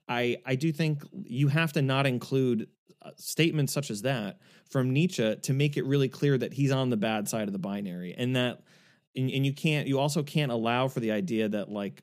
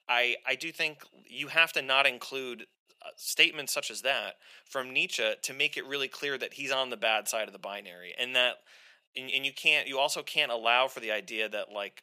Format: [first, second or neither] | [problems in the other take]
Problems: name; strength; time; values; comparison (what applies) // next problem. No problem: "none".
first | thin; very; fading below 850 Hz